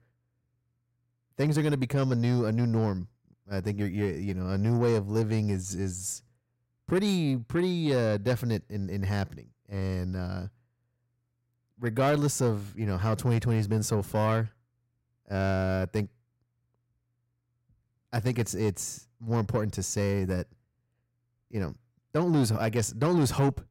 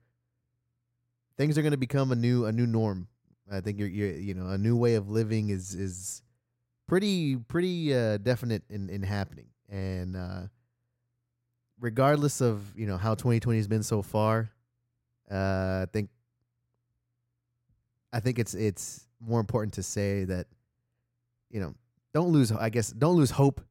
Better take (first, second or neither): second